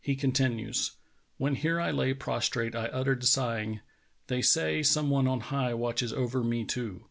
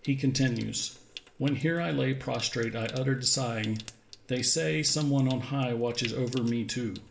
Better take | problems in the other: first | background sound (Trickle, dribble / Sink (filling or washing) / Water tap, faucet); 19 dB below the speech // room echo; dies away in 0.5 s

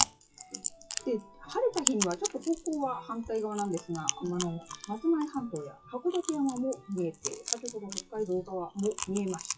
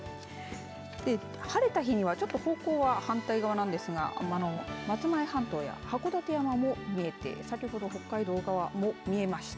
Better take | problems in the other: second | noise reduction (classical method WPE with log-MMSE)

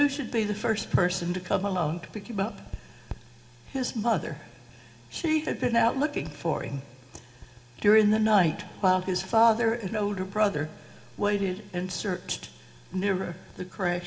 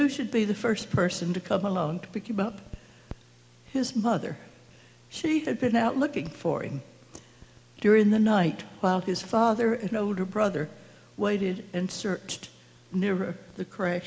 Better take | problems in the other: second | room echo; dies away in 0.3 s

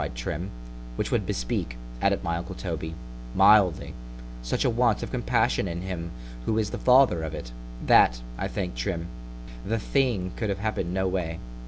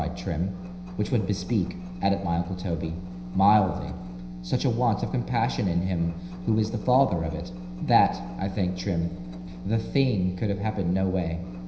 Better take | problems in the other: first | background sound (Engine); 20 dB below the speech // room echo; dies away in 0.9 s

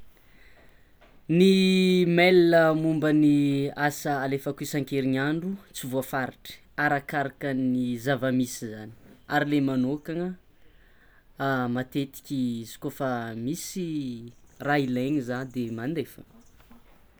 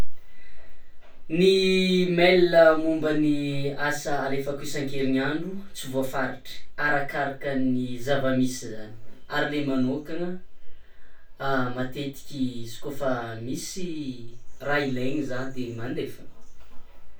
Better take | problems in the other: first | room echo; dies away in 0.2 s

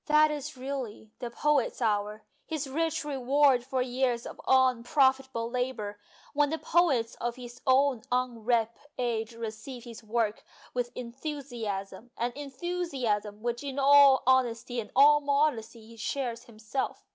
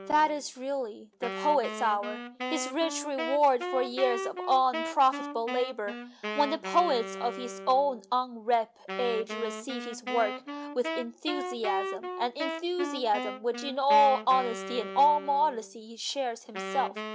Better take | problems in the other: first | background sound (Wind instrument, woodwind instrument); 8 dB below the speech

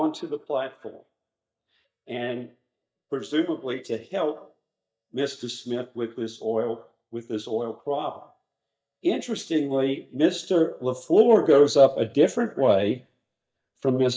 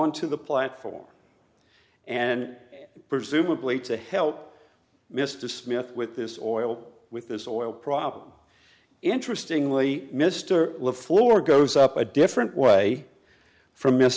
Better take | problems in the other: second | noise reduction (neural mask model DeepFilterNet 3)

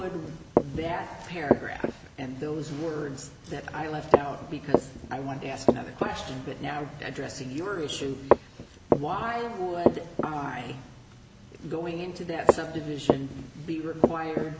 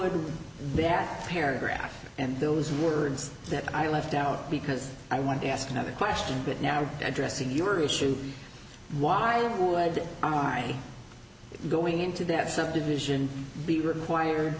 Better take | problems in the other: second | background sound (Walk, footsteps); 4 dB above the speech

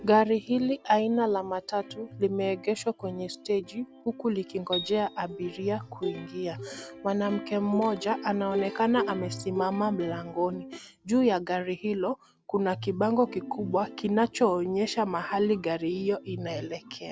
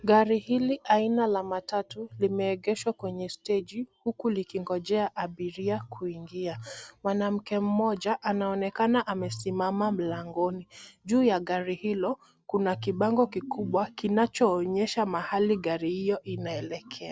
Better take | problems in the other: second | background sound (Piano + Plucked string instrument); 14 dB below the speech

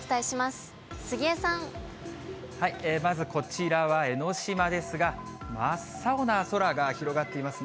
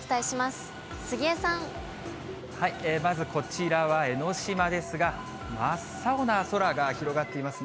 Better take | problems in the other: first | background sound (Mechanisms); 14 dB below the speech

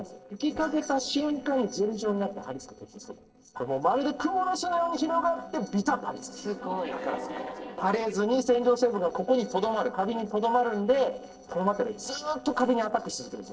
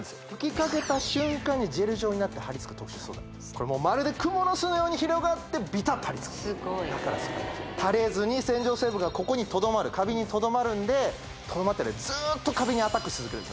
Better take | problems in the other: second | noise reduction (neural separator model SepFormer DNS4)

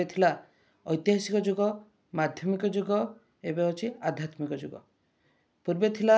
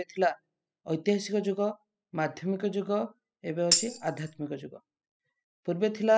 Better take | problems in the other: first | noise reduction (classical method spectral subtraction)

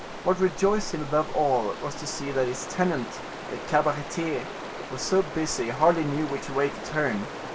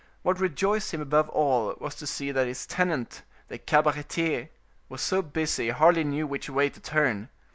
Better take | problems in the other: second | background sound (Stream); 10 dB below the speech // room echo; dies away in 0.2 s

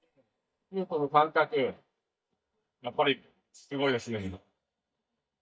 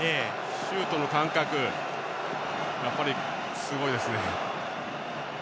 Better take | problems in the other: second | noise reduction (neural mask model DeepFilterNet 3)

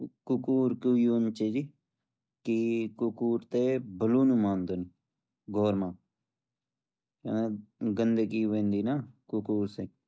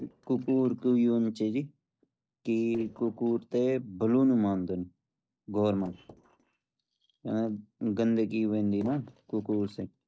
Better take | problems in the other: first | noise reduction (neural separator model SepFormer DNS4)

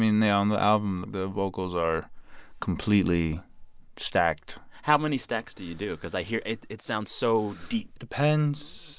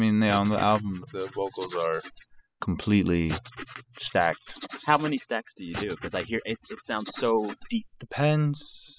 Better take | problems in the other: first | noise reduction (classical method spectral subtraction)

